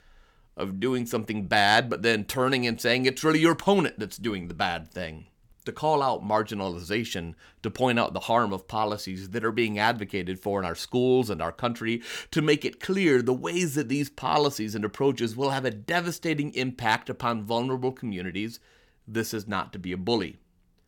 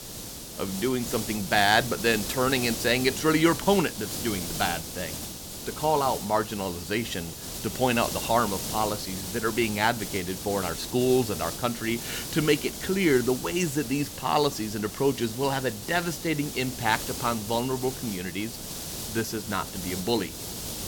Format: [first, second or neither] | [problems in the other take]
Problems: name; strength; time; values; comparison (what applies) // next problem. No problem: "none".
first | hiss; loud; throughout; 7 dB below the speech